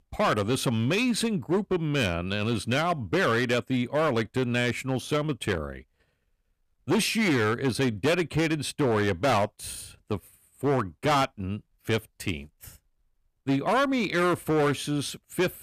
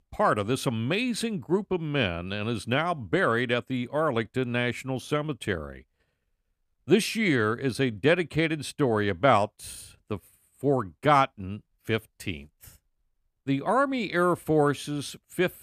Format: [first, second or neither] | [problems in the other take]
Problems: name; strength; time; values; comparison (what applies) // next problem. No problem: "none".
second | distortion; heavy; 10% of the sound clipped